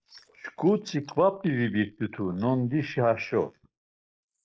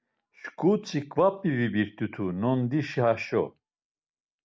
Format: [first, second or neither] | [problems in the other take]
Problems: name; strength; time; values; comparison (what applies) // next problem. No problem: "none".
second | noise reduction (neural mask model Resemble Enhance denoiser)